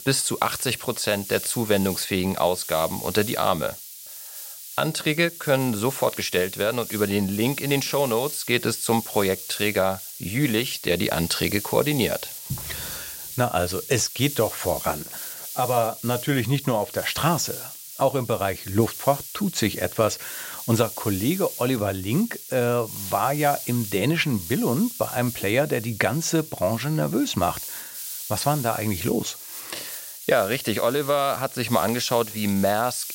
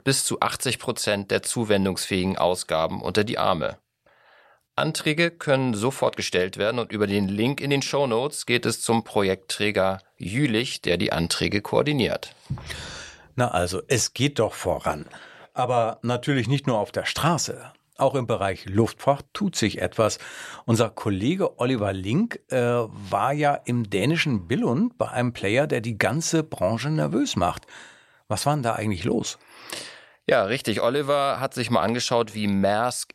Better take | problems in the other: second | hiss; loud; throughout; 9 dB below the speech

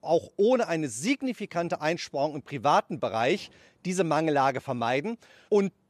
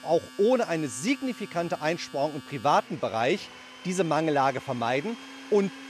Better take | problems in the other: first | household noises; noticeable; throughout; 15 dB below the speech

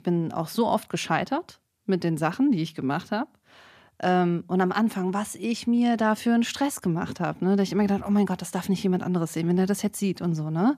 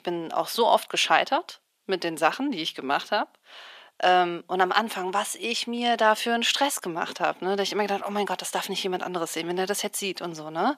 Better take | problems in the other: first | thin; very; fading below 550 Hz

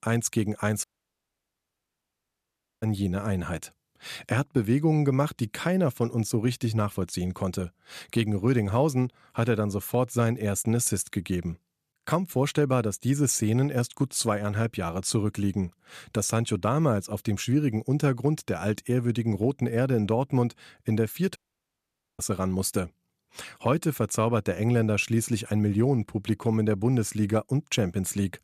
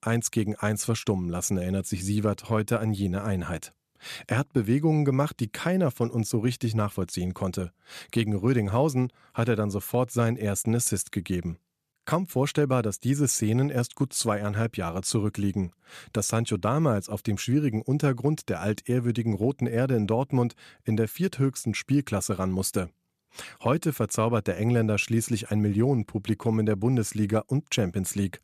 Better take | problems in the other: second | audio cutting out; at 1 s for 2 s and at 21 s for 1 s

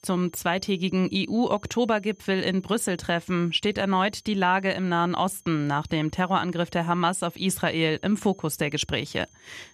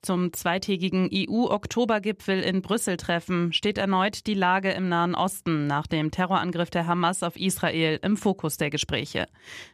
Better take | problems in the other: second | high-pitched whine; faint; throughout; 6.5 kHz, 30 dB below the speech

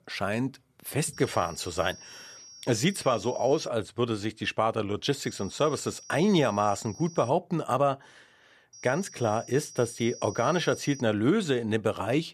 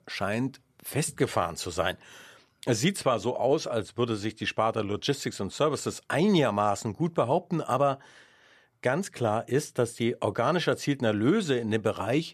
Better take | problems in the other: second | high-pitched whine; noticeable; from 1 to 3.5 s, from 5.5 to 7.5 s and from 8.5 to 11 s; 5.5 kHz, 15 dB below the speech

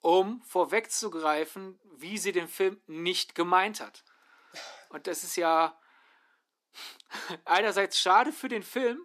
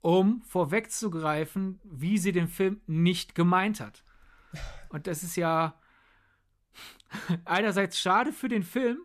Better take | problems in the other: second | thin; very; fading below 300 Hz

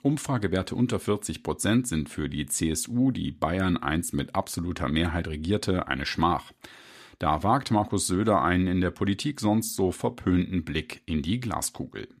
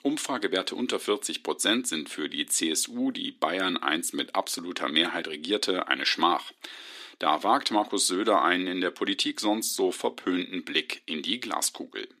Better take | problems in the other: first | thin; somewhat; fading below 300 Hz

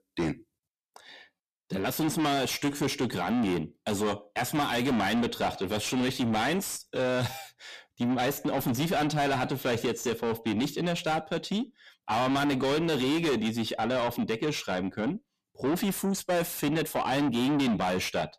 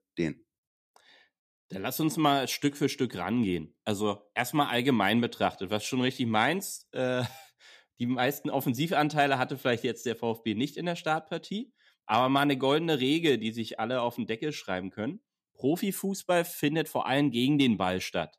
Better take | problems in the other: second | distortion; heavy; 6 dB below the speech

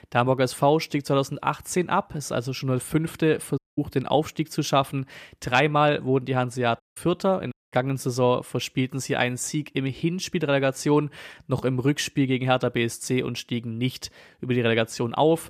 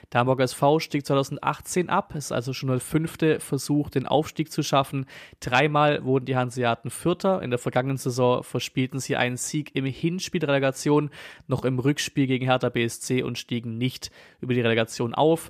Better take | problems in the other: second | audio cutting out; at 3.5 s, at 7 s and at 7.5 s

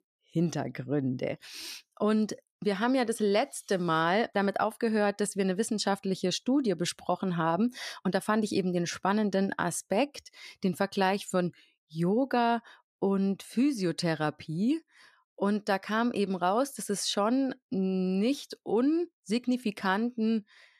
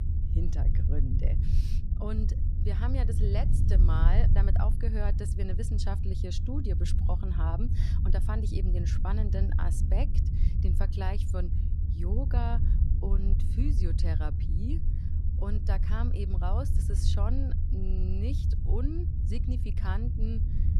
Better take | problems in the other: first | low rumble; loud; throughout; 4 dB below the speech

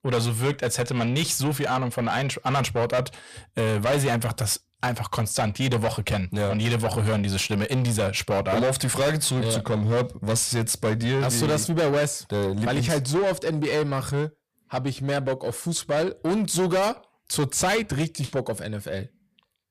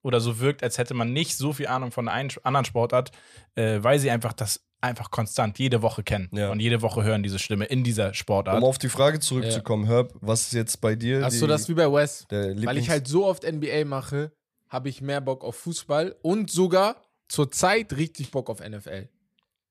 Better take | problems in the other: second | distortion; heavy; 7 dB below the speech

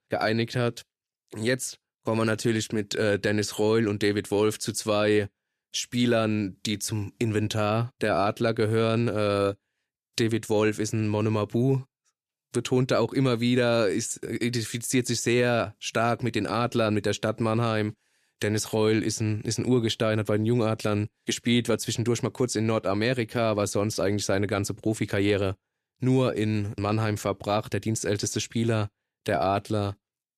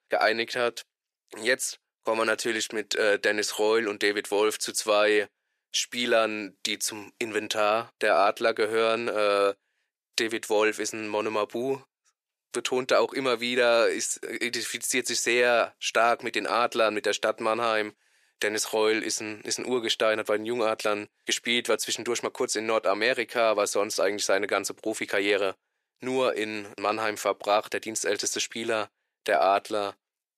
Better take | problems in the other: first | thin; very; fading below 550 Hz

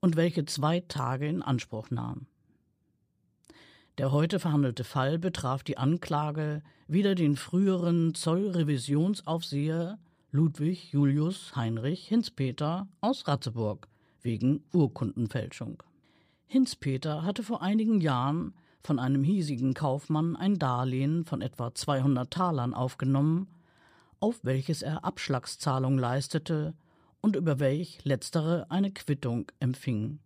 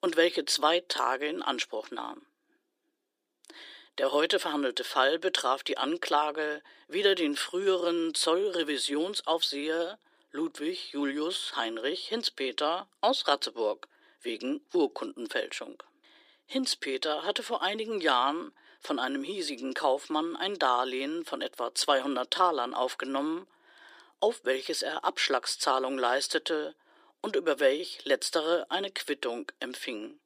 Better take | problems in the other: first | thin; very; fading below 350 Hz

